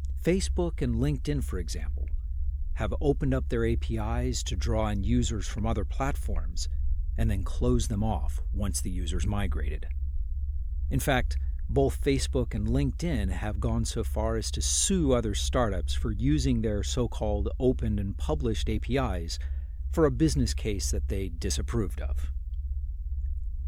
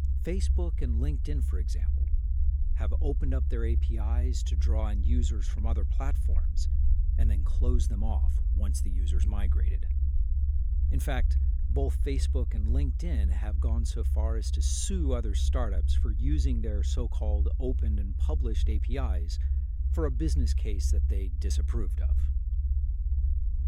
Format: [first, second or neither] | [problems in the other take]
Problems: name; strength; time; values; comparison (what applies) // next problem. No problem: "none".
first | low rumble; loud; throughout; 7 dB below the speech; faint in the first